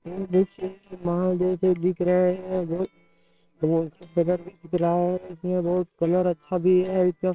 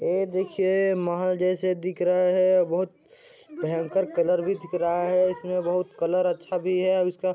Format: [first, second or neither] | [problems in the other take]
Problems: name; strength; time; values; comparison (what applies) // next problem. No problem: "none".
second | noise reduction (neural separator model SepFormer WHAMR!)